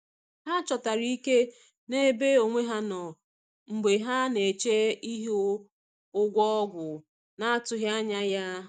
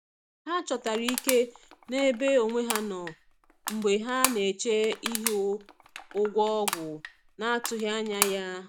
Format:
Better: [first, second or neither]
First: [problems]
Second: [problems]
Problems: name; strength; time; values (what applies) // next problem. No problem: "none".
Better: first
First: none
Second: background sound (Crushing); 7 dB below the speech